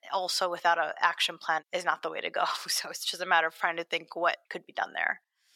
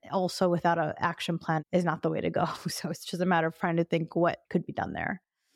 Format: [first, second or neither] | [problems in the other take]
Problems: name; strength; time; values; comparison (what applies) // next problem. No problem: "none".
second | thin; very; fading below 950 Hz